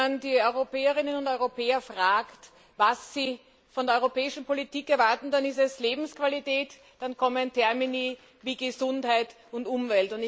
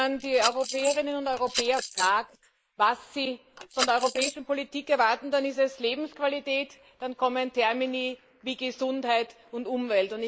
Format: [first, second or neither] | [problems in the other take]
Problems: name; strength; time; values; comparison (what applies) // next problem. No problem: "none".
first | noise reduction (neural mask model Resemble Enhance denoiser)